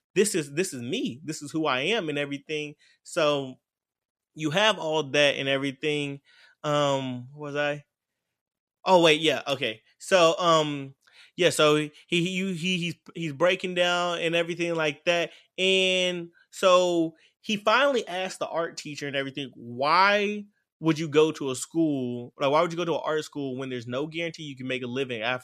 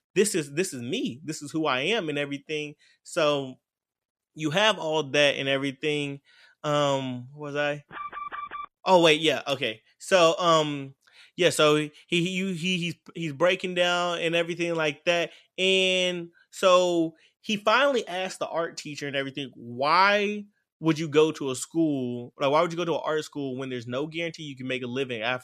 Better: first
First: none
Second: alarm; faint; at 8 s; peak 10 dB below the speech

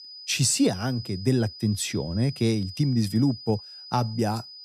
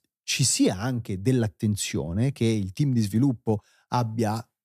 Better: second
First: high-pitched whine; noticeable; throughout; 5 kHz, 15 dB below the speech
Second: none

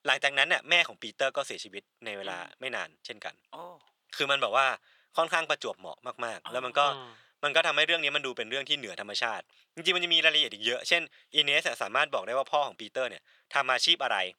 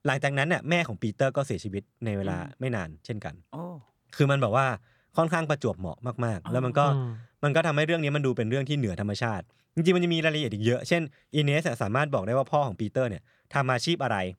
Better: second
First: thin; very; fading below 650 Hz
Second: none

